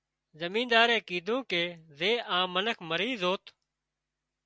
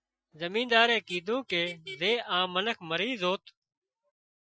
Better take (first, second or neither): first